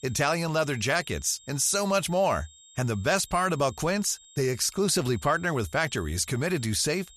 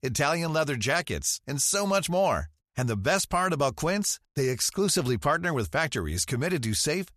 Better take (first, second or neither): second